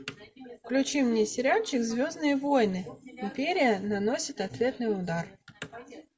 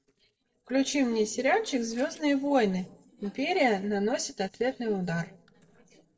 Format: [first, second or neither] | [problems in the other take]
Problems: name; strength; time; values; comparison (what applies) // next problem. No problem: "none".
first | noise reduction (neural separator model SepFormer DNS4)